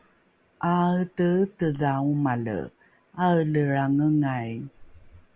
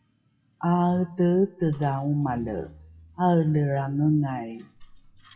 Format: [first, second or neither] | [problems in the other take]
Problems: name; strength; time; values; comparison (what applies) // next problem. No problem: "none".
first | noise reduction (classical method WPE with log-MMSE)